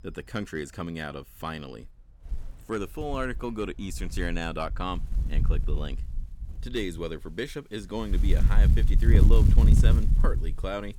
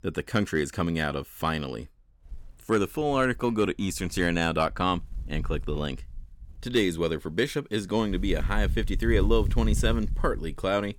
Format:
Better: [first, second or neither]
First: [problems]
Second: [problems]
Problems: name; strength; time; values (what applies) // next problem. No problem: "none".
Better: second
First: wind noise on the microphone; heavy; 5 dB below the speech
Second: wind noise on the microphone; occasional gusts; 20 dB below the speech